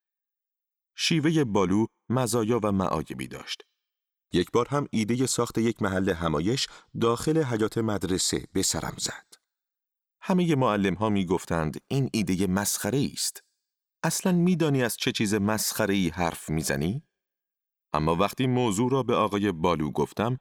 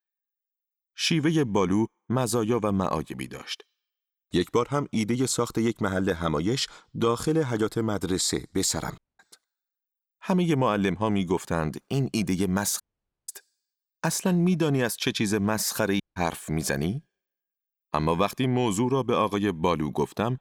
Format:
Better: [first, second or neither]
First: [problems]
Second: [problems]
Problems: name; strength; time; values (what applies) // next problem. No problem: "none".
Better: first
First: none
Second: audio cutting out; at 9 s, at 13 s and at 16 s